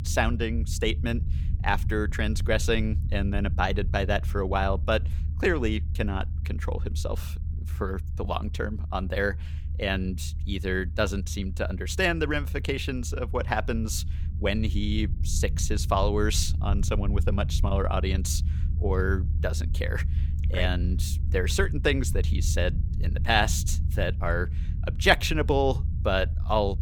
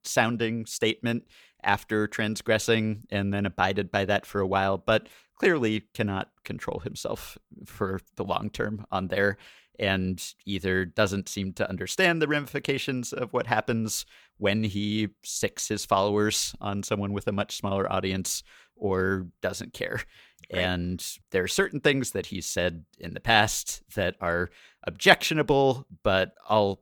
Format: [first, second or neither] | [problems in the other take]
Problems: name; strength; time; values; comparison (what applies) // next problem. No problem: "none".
second | low rumble; noticeable; throughout; 20 dB below the speech